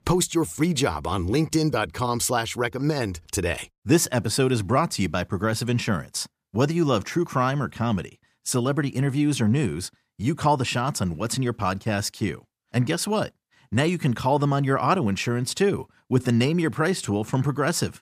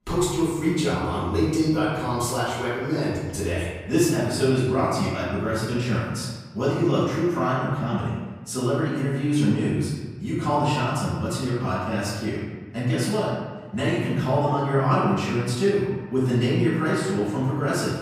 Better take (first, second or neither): first